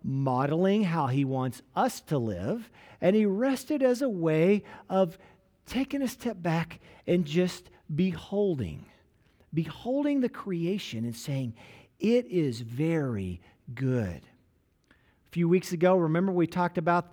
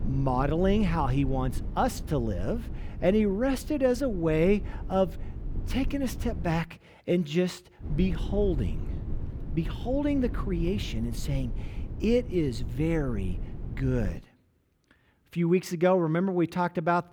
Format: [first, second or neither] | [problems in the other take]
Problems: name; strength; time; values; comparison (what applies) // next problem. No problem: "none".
first | low rumble; noticeable; until 6.5 s and from 8 to 14 s; 20 dB below the speech